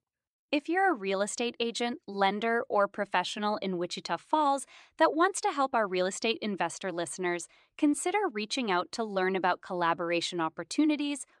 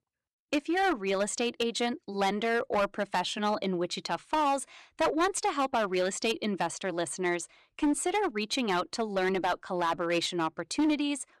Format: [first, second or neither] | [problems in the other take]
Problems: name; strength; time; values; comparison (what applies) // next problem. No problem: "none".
first | distortion; slight; 8% of the sound clipped